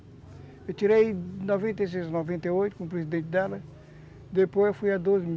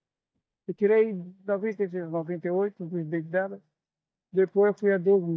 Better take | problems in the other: first | noise reduction (neural mask model DeepFilterNet 3)

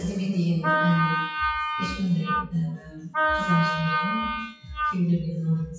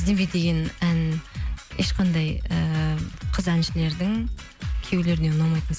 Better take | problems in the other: second | noise reduction (classical method WPE with log-MMSE)

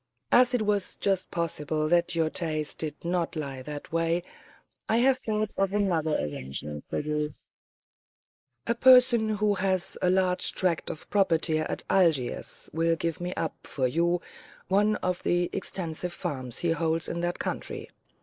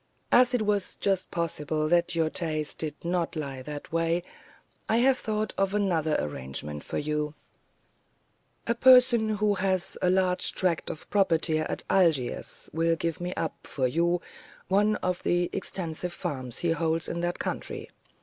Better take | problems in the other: second | noise reduction (neural mask model Resemble Enhance denoiser)

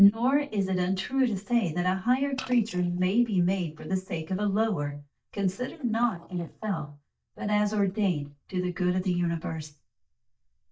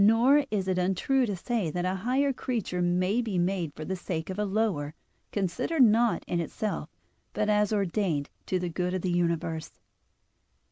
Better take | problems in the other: second | noise reduction (neural mask model DeepFilterNet 3)

